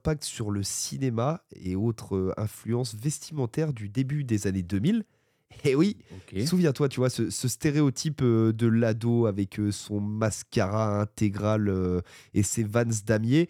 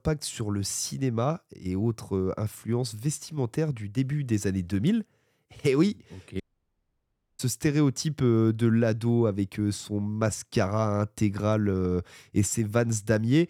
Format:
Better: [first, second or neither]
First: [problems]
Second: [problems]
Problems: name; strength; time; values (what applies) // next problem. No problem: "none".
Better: first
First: none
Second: audio cutting out; at 6.5 s for 1 s